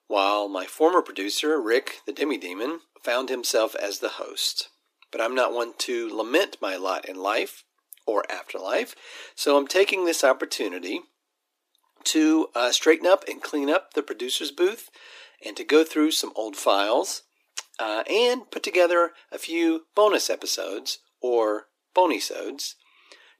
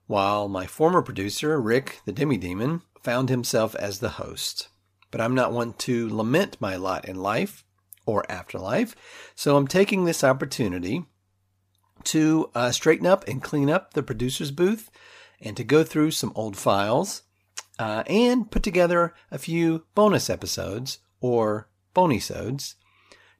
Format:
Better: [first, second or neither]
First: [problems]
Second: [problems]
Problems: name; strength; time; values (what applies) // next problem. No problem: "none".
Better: second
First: thin; somewhat; fading below 300 Hz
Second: none